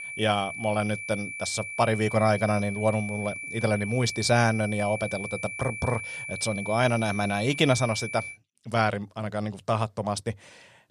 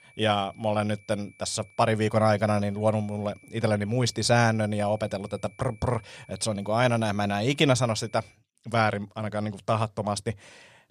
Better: second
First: high-pitched whine; loud; until 8.5 s; 2.5 kHz, 7 dB below the speech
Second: high-pitched whine; faint; until 8.5 s; 2.5 kHz, 30 dB below the speech

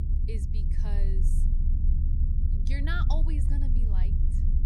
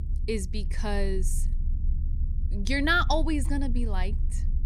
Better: second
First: low rumble; loud; throughout; 5 dB below the speech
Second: low rumble; faint; throughout; 20 dB below the speech

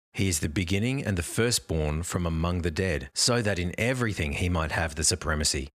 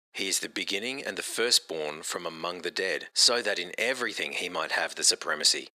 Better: first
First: none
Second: thin; very; fading below 350 Hz

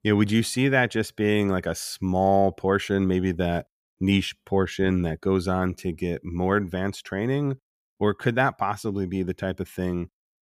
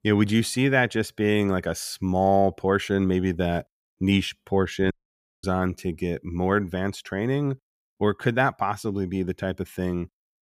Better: first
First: none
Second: audio cutting out; at 5 s for 0.5 s

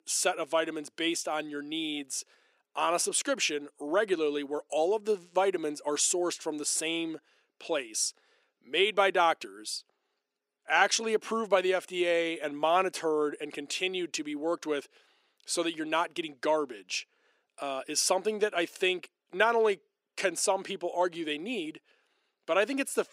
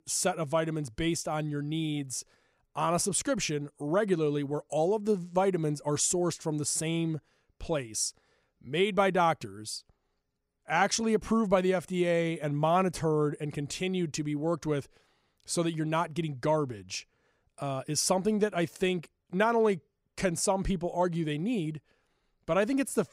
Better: second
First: thin; somewhat; fading below 300 Hz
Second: none

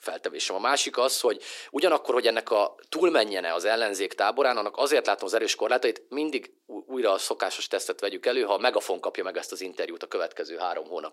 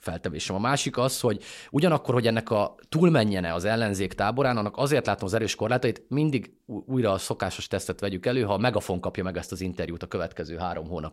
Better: second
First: thin; very; fading below 350 Hz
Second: none

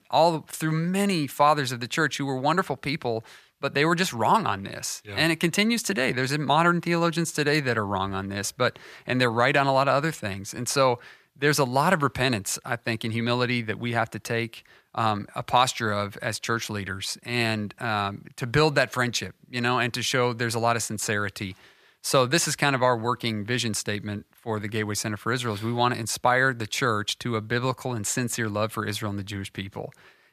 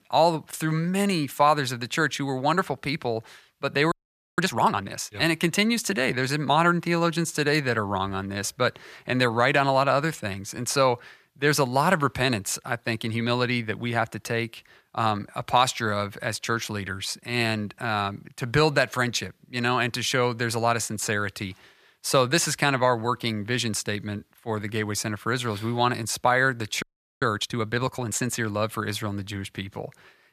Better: first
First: none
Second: audio freezing; at 4 s and at 27 s

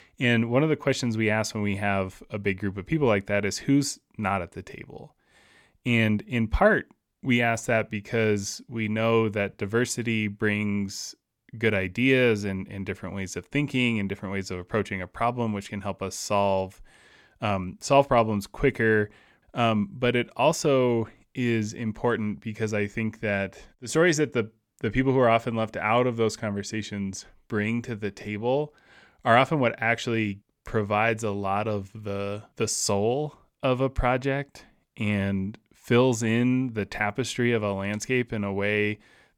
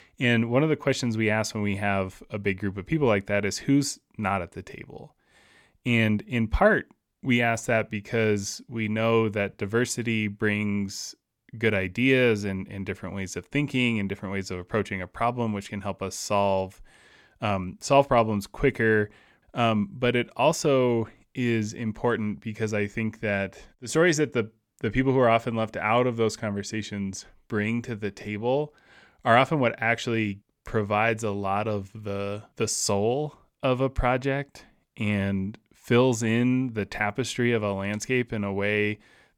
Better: neither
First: none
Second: none

